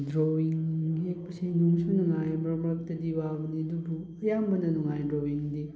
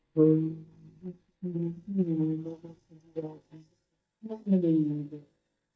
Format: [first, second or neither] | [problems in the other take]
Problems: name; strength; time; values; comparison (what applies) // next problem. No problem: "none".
first | noise reduction (neural mask model DeepFilterNet 3)